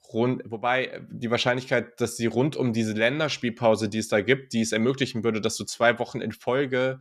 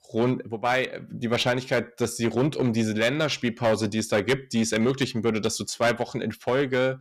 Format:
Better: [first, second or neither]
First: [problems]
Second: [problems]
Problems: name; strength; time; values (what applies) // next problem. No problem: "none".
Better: first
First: none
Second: distortion; slight; 7% of the sound clipped